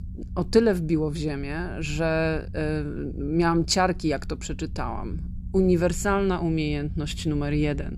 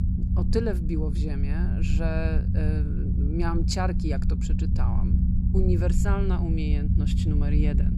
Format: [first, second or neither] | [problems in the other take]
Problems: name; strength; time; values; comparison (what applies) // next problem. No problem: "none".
first | low rumble; loud; throughout; 4 dB below the speech; faint in the first